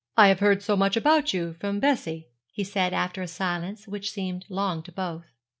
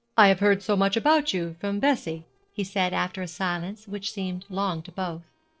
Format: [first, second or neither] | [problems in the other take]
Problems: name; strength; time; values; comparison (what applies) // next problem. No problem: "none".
first | noise reduction (neural separator model SepFormer DNS4)